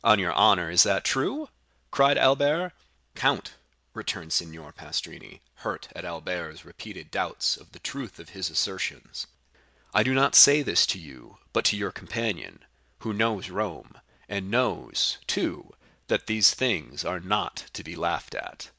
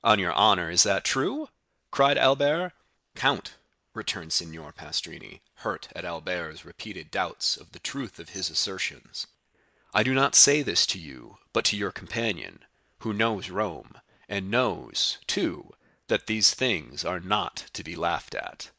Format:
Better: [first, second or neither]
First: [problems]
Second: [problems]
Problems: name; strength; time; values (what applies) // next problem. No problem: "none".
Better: first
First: none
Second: noise reduction (neural mask model Resemble Enhance denoiser)